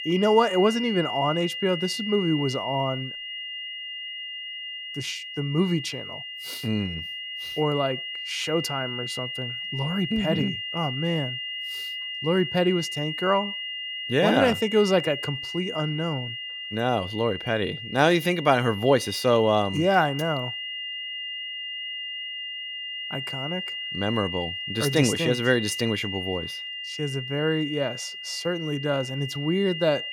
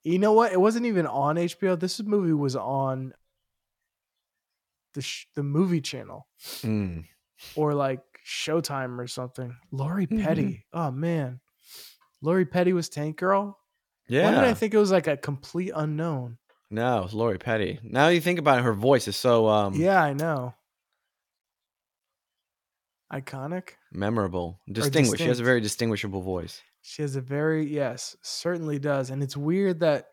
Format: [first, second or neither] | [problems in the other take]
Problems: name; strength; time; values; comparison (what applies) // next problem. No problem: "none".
second | high-pitched whine; loud; throughout; 3 kHz, 6 dB below the speech